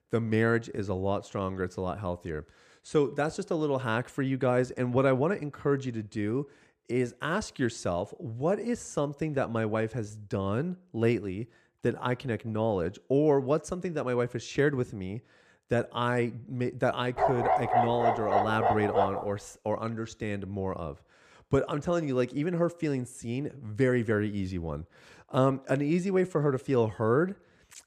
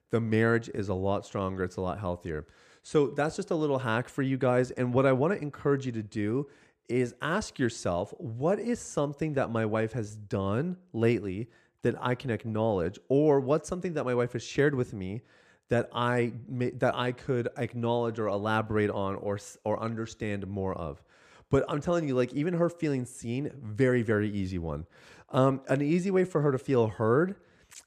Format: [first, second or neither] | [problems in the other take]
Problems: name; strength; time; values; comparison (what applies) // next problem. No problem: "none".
second | dog barking; loud; from 17 to 19 s; peak 4 dB above the speech